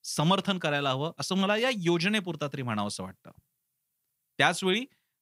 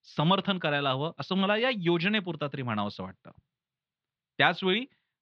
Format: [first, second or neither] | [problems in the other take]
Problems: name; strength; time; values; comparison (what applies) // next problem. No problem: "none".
first | muffled; slightly; fading above 4 kHz